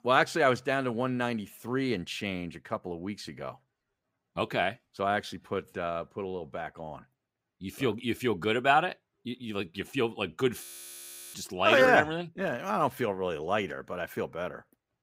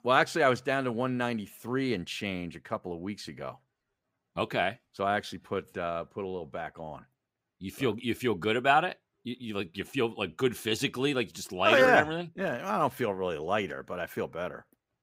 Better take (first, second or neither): second